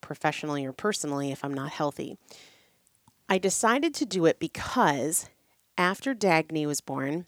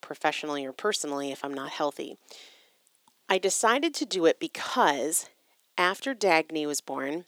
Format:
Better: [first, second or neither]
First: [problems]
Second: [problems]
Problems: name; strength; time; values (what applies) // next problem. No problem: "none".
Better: first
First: none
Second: thin; very slightly; fading below 400 Hz